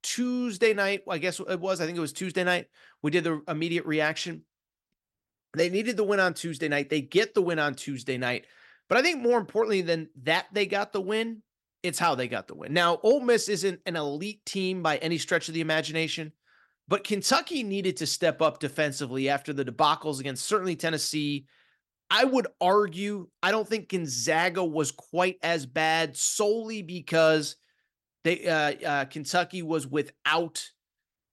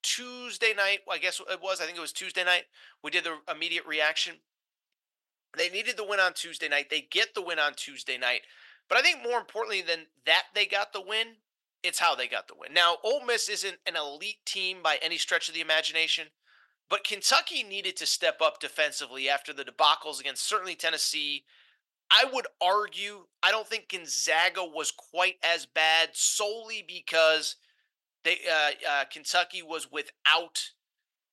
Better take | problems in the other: first | thin; very; fading below 800 Hz

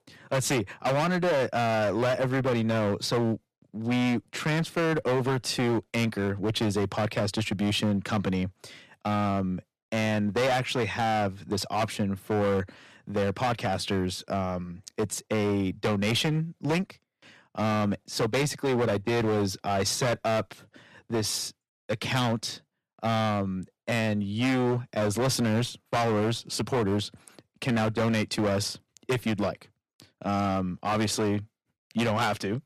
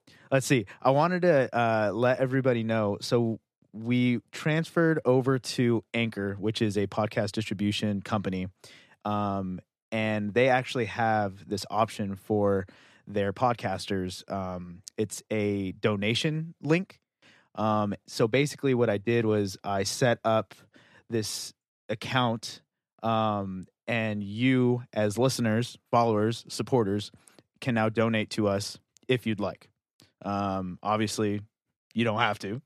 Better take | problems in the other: second | distortion; heavy; 16% of the sound clipped

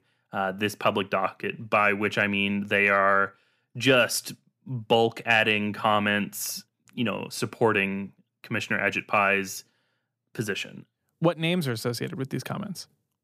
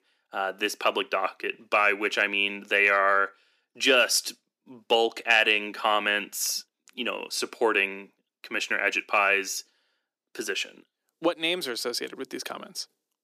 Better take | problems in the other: first | thin; somewhat; fading below 300 Hz

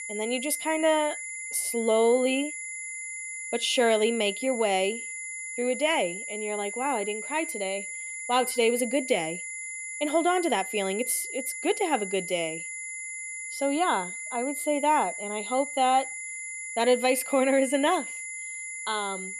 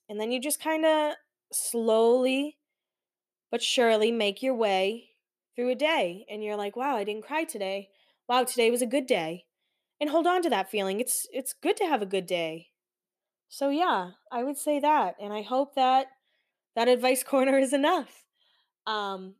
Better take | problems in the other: second | high-pitched whine; loud; throughout; 2 kHz, 7 dB below the speech

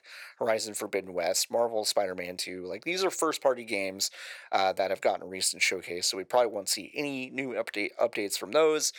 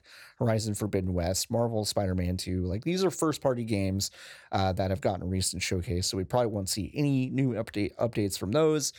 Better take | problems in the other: second | thin; very; fading below 550 Hz

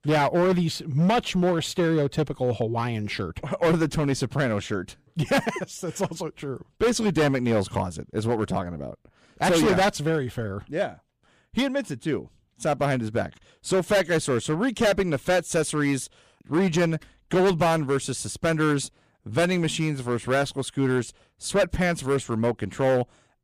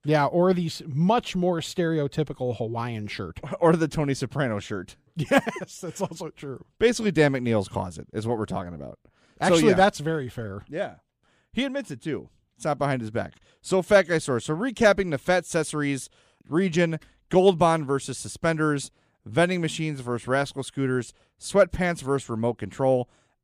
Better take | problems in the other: second | distortion; heavy; 9% of the sound clipped

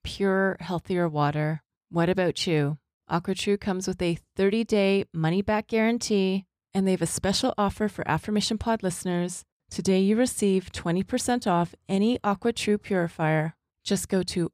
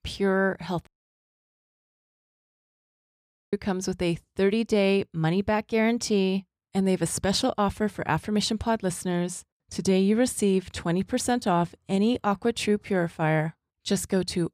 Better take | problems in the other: first | audio cutting out; at 1 s for 2.5 s

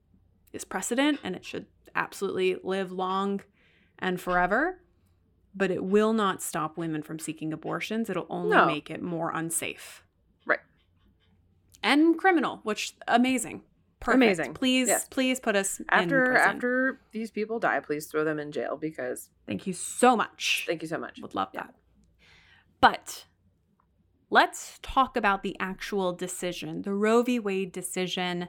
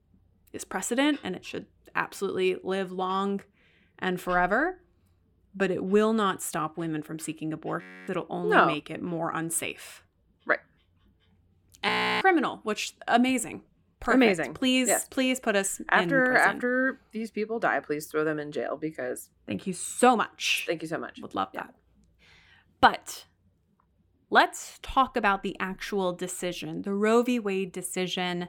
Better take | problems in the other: first | audio freezing; at 8 s and at 12 s

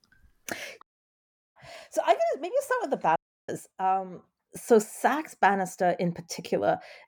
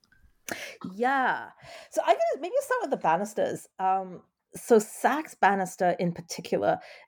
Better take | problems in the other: second | audio cutting out; at 1 s for 0.5 s and at 3 s

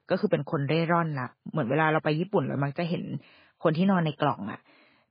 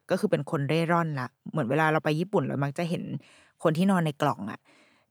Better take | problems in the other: second | garbled, watery; badly; nothing above 5 kHz

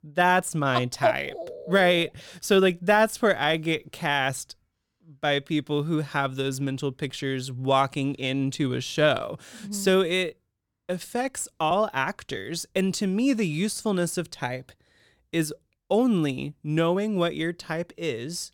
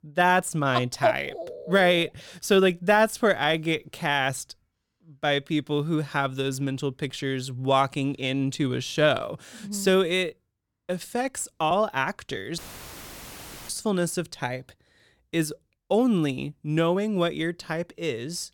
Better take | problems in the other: first | audio cutting out; filled with static; at 13 s for 1 s

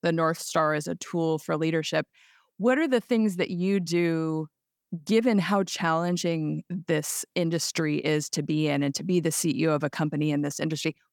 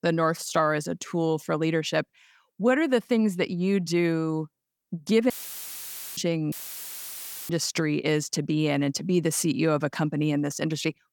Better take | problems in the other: first | audio cutting out; filled with static; at 5.5 s for 1 s and at 6.5 s for 1 s

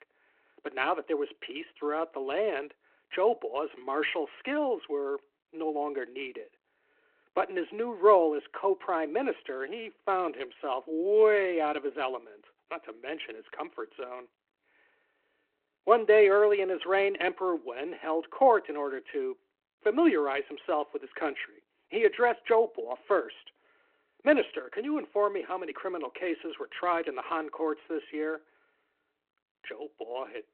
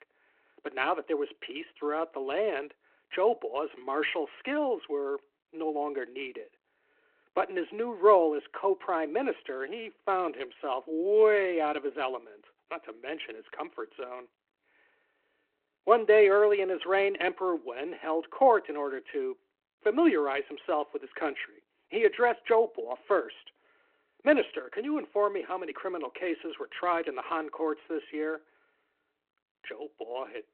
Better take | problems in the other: neither | phone-call audio; the same in both

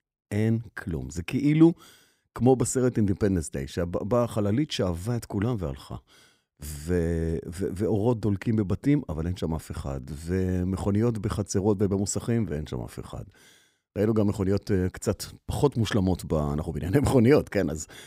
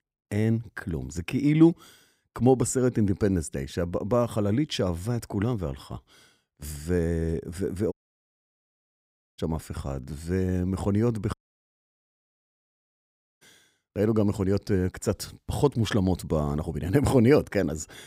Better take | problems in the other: first | audio cutting out; at 8 s for 1.5 s and at 11 s for 2 s

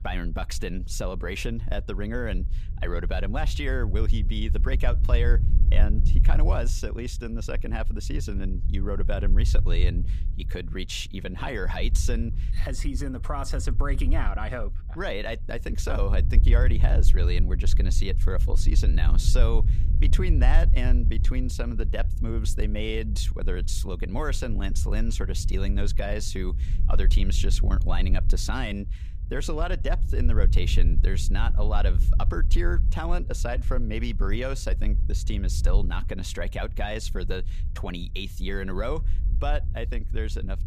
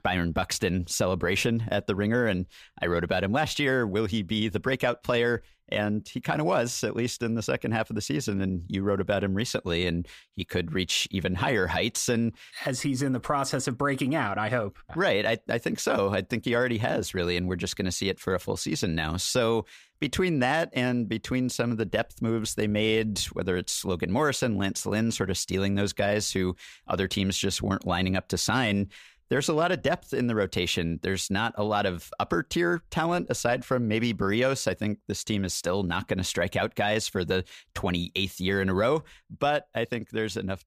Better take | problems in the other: second | low rumble; noticeable; throughout; 15 dB below the speech

